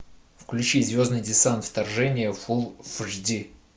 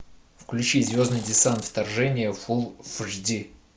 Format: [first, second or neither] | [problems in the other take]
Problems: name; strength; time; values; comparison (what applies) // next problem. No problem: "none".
first | background sound (Insect); 16 dB below the speech